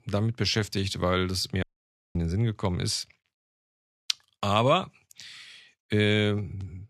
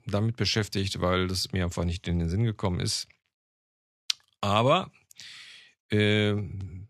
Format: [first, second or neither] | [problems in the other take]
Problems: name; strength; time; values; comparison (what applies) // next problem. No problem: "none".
second | audio cutting out; at 1.5 s for 0.5 s